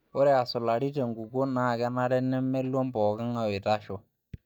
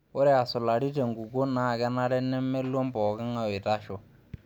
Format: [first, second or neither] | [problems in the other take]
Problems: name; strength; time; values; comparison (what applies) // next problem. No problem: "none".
second | noise reduction (neural mask model DeepFilterNet 3)